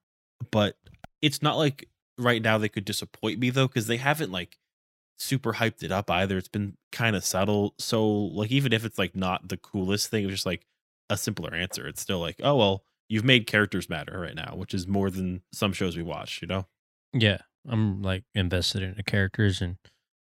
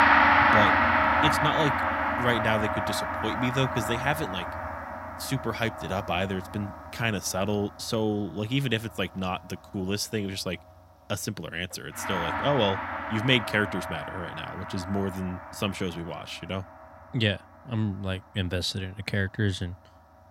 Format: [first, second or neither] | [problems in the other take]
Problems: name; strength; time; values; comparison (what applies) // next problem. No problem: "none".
first | background music; very loud; throughout; 3 dB above the speech